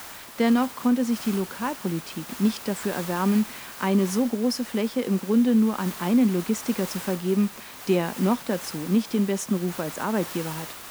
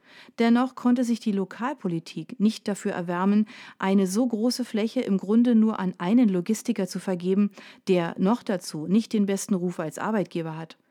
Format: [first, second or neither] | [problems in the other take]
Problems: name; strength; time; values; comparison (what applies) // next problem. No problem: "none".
second | hiss; noticeable; throughout; 10 dB below the speech